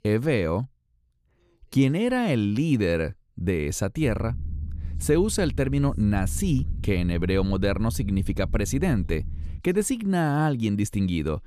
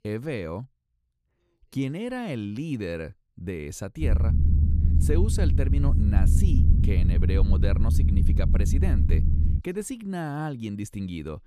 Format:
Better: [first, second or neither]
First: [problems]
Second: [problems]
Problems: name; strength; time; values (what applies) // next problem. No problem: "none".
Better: first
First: low rumble; faint; from 4 to 9.5 s; 20 dB below the speech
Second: low rumble; loud; from 4 to 9.5 s; 3 dB below the speech